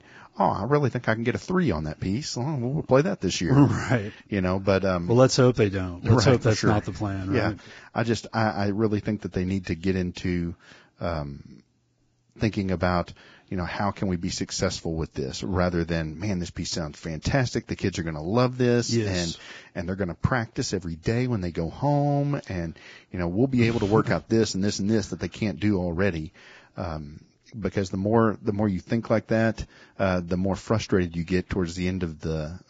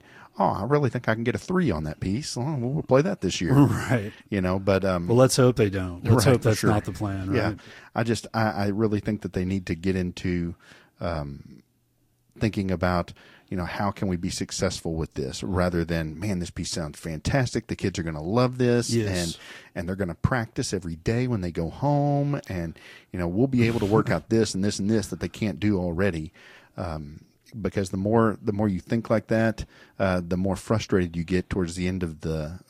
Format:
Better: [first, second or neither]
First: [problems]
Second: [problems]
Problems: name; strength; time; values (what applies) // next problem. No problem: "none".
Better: second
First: garbled, watery; badly; nothing above 7.5 kHz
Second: garbled, watery; slightly; nothing above 14.5 kHz